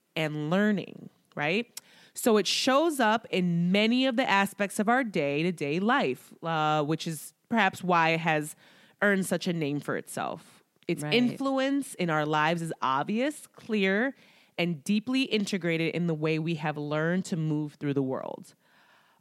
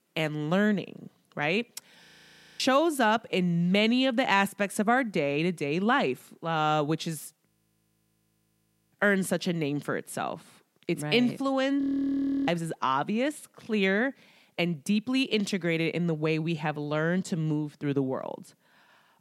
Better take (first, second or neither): first